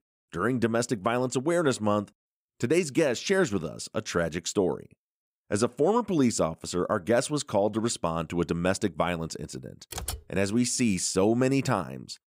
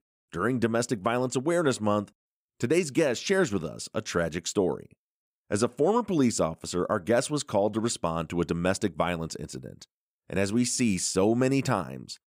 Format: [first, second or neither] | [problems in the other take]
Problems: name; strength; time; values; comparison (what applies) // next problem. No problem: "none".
second | keyboard typing; noticeable; at 10 s; peak 8 dB below the speech